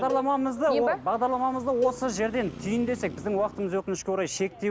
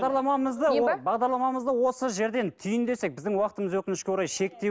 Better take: second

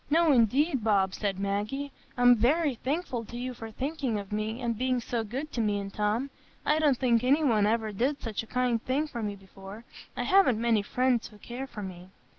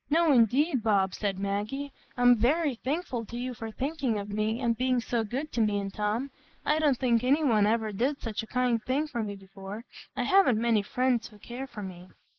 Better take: first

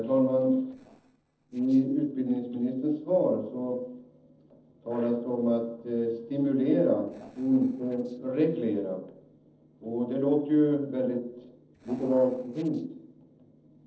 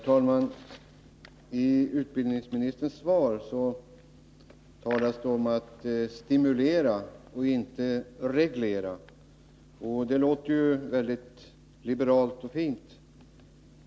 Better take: second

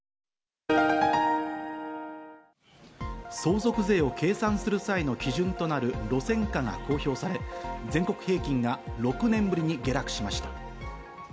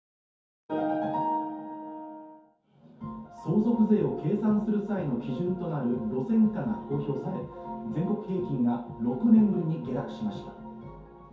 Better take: first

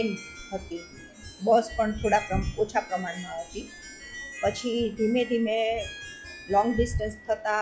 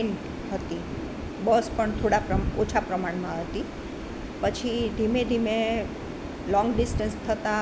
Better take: second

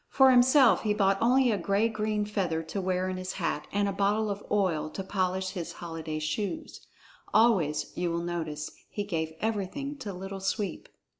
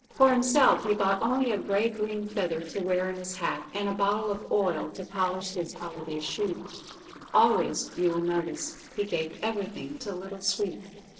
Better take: first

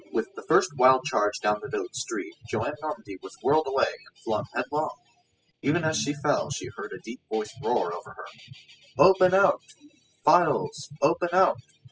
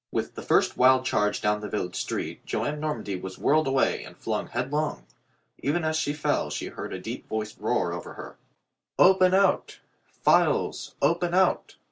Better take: second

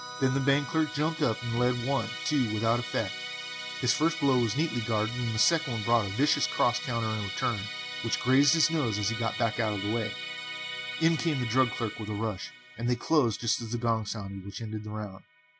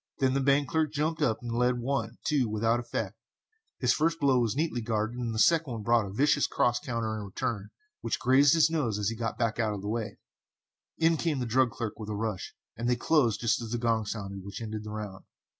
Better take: second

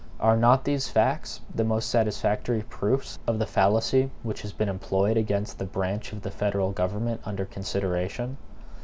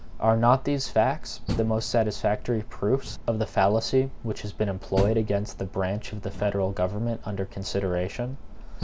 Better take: first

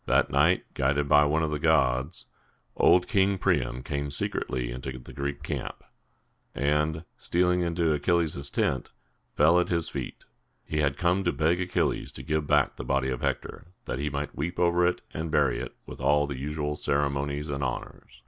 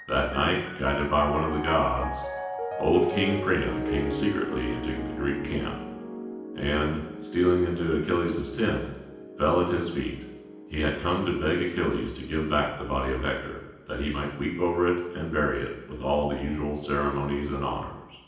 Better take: first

